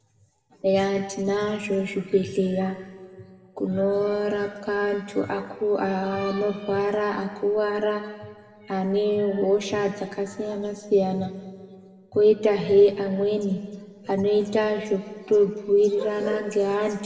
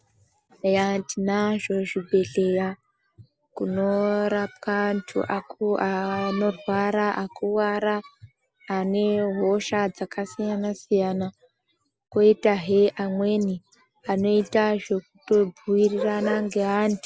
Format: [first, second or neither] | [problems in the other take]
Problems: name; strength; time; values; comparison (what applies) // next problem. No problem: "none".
second | room echo; dies away in 1.8 s